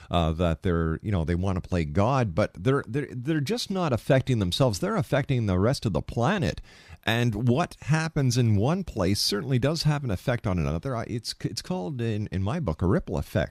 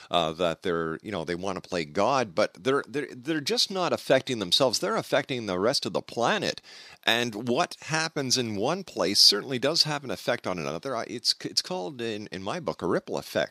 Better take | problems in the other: first | thin; somewhat; fading below 300 Hz

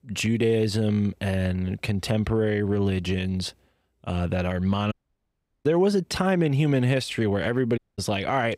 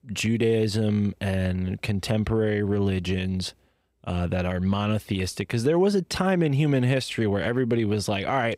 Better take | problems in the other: second | audio cutting out; at 5 s for 0.5 s and at 8 s

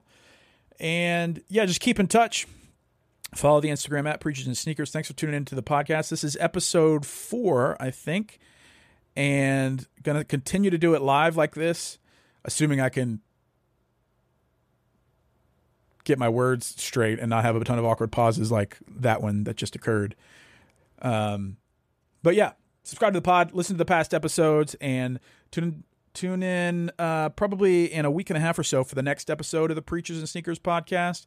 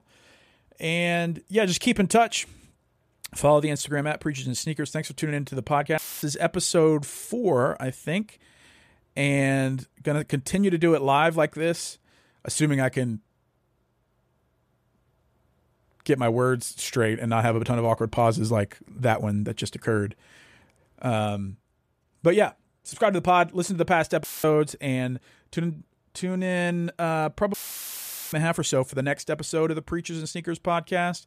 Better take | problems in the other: first | audio cutting out; filled with static; at 6 s, at 24 s and at 28 s for 1 s

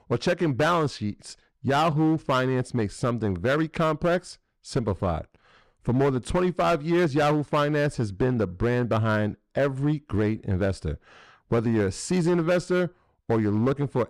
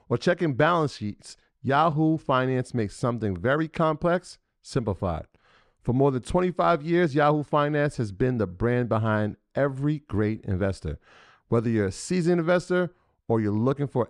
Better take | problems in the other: second | distortion; slight; 8% of the sound clipped

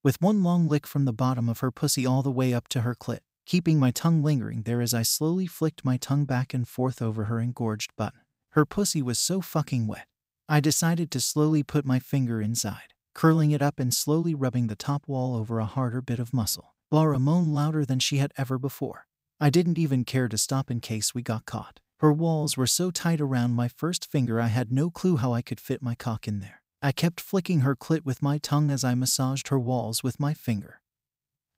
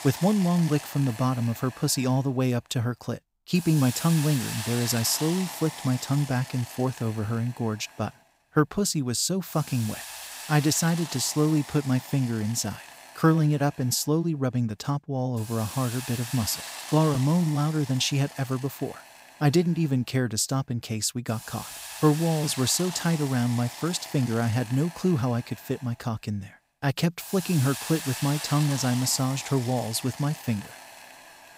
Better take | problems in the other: first | hiss; noticeable; throughout; 10 dB below the speech

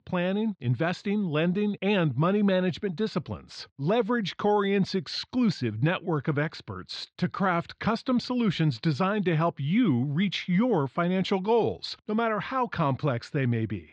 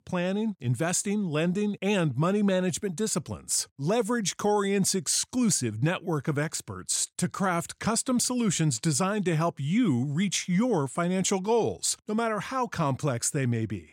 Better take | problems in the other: second | muffled; slightly; fading above 4 kHz

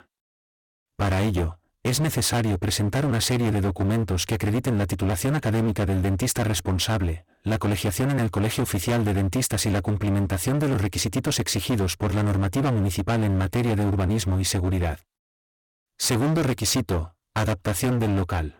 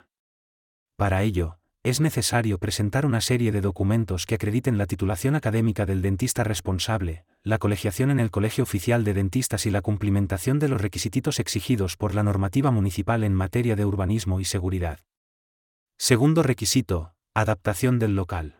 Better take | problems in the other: second | distortion; heavy; 28% of the sound clipped

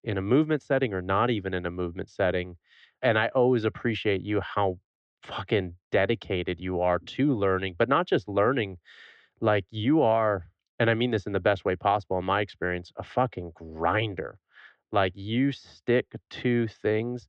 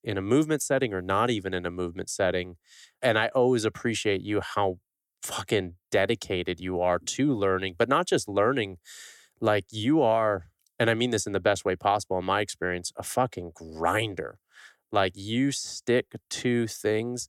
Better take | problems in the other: second | muffled; very; fading above 3.5 kHz

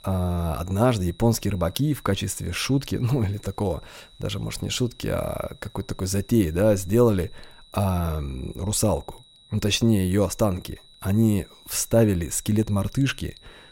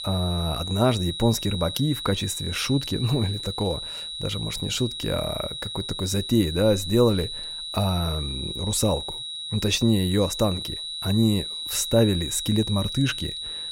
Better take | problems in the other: first | high-pitched whine; loud; throughout; 4 kHz, 6 dB below the speech; faint in the first

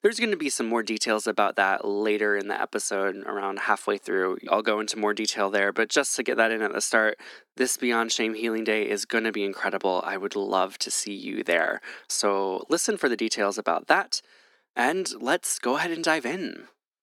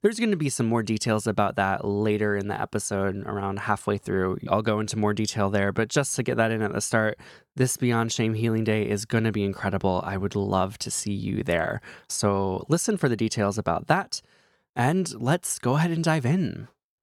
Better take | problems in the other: second | thin; somewhat; fading below 250 Hz

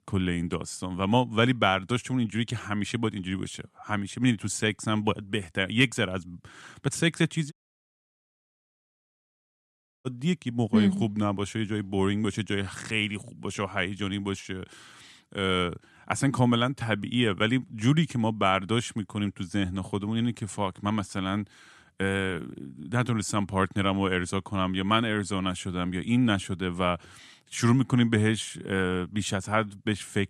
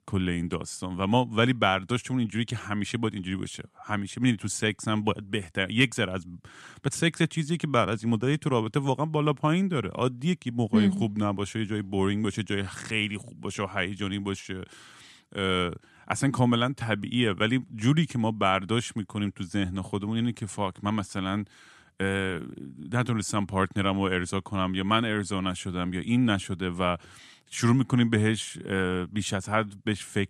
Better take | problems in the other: second | audio cutting out; at 7.5 s for 2.5 s

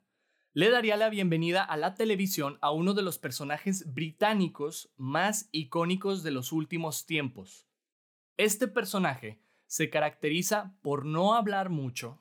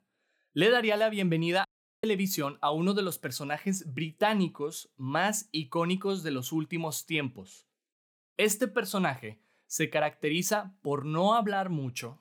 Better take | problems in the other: first | audio cutting out; at 1.5 s

